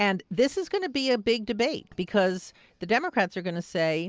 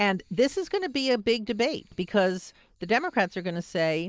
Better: first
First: none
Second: noise reduction (neural mask model Resemble Enhance denoiser)

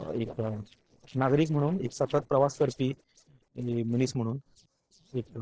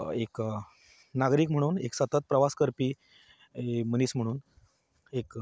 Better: second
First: noise reduction (neural separator model SepFormer DNS4)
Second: none

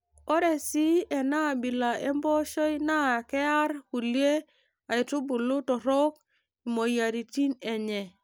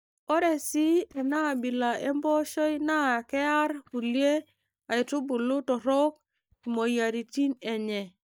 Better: first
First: none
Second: noise reduction (neural mask model DeepFilterNet 3)

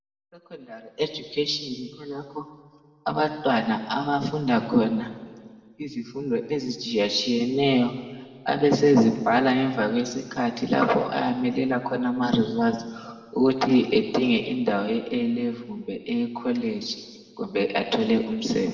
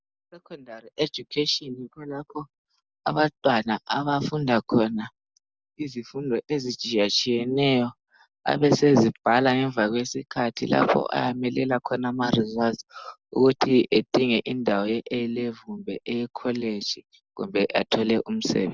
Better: second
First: room echo; dies away in 1.4 s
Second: none

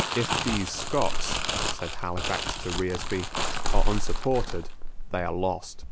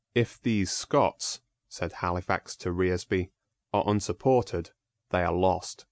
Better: second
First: background sound (Crumpling, crinkling); 5 dB above the speech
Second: none

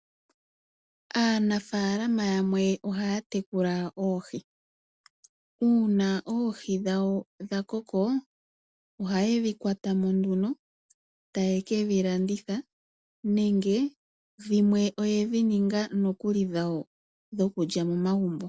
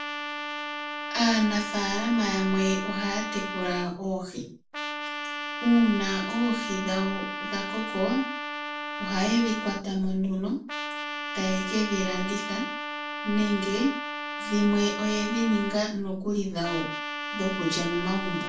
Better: first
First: none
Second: background sound (Trumpet); 6 dB below the speech // room echo; dies away in 0.3 s

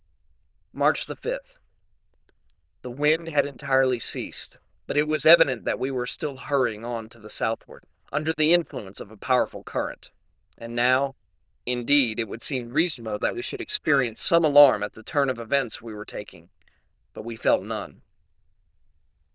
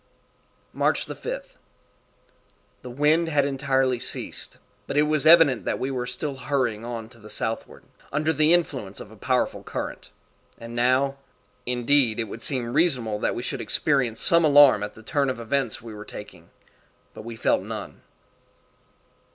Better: second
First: noise reduction (neural diffusion model UNIVERSE++)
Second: none

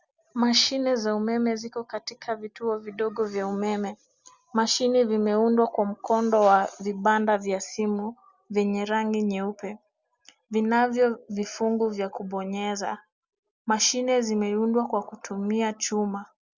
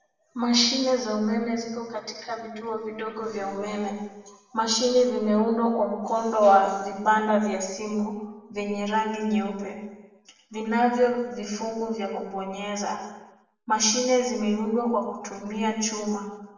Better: first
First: none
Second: room echo; dies away in 0.9 s

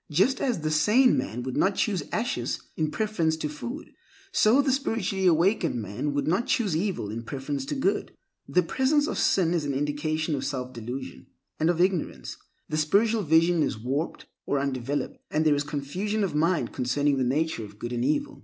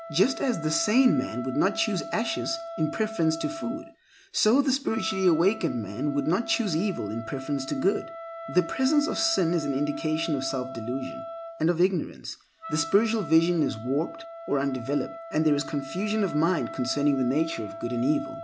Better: first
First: none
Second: background sound (Wind instrument, woodwind instrument); 12 dB below the speech

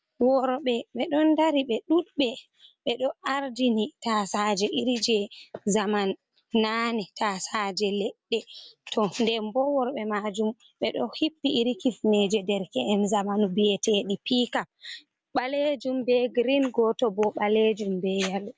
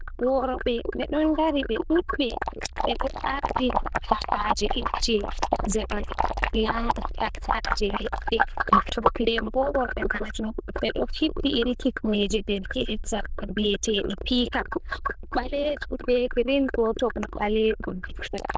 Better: first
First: none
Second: noise reduction (neural diffusion model UNIVERSE++)

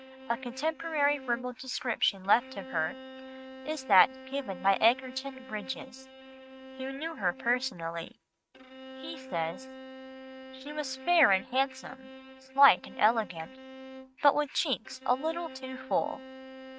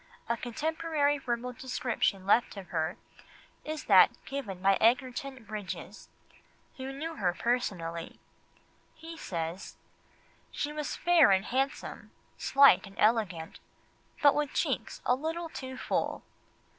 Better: second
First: noise reduction (neural mask model RNNoise)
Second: none

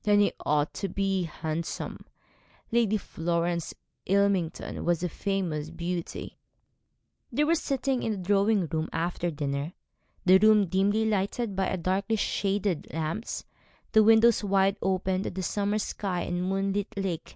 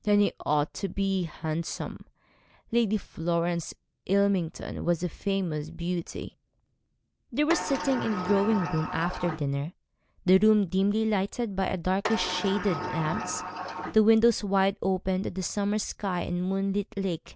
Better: first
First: none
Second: background sound (Sliding door); 7 dB below the speech

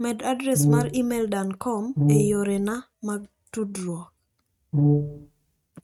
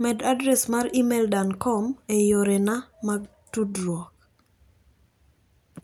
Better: second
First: noise reduction (neural mask model RNNoise)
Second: none

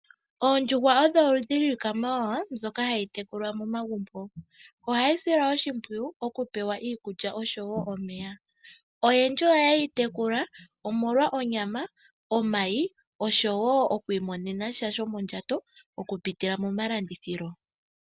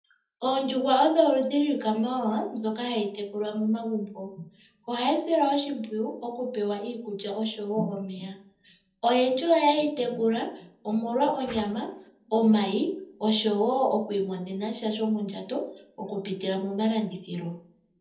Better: first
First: none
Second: background sound (Whoosh, swoosh, swish); 19 dB below the speech // room echo; dies away in 0.6 s

